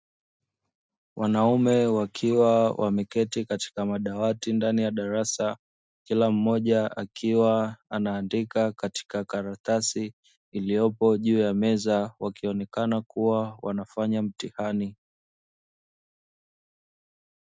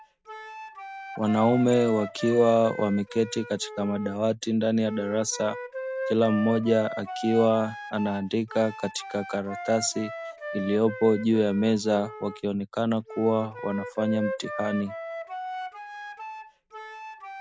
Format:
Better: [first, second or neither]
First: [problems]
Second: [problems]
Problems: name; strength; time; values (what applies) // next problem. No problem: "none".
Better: first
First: none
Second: background sound (Wind instrument, woodwind instrument); 11 dB below the speech